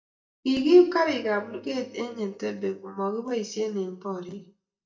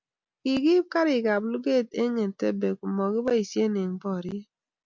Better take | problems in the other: second | noise reduction (neural mask model DeepFilterNet 3)

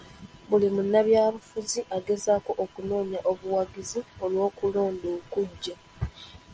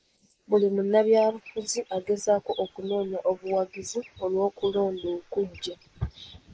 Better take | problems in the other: first | noise reduction (neural mask model Resemble Enhance denoiser)

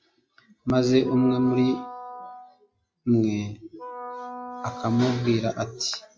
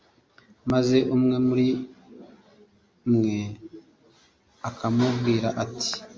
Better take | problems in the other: second | noise reduction (classical method log-MMSE)

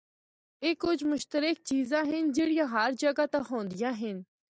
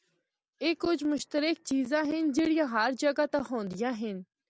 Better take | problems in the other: second | noise reduction (neural mask model DeepFilterNet 3)

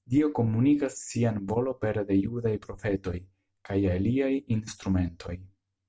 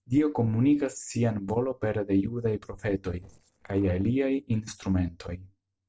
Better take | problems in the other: first | noise reduction (neural separator model SepFormer DNS4)

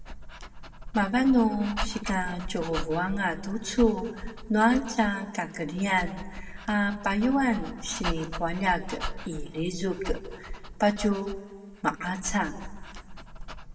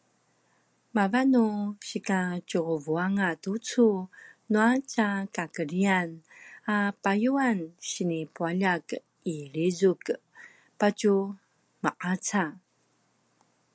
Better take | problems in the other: second | background sound (Dog); 8 dB below the speech // room echo; dies away in 1.2 s

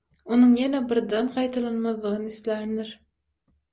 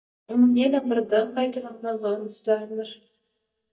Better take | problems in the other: first | noise reduction (neural mask model DeepFilterNet 3)

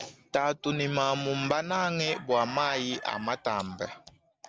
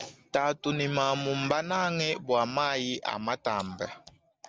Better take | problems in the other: second | background sound (Chicken, rooster); 14 dB below the speech

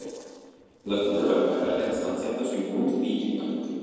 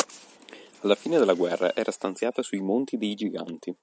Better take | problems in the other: second | noise reduction (neural separator model SepFormer DNS4)

